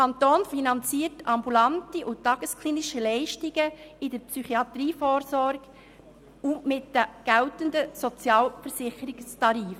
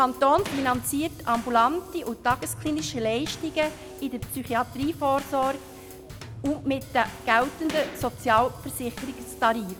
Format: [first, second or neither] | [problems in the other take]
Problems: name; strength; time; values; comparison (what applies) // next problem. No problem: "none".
first | background sound (Gunshot, gunfire + Bass drum / Snare drum / Drum kit); 13 dB below the speech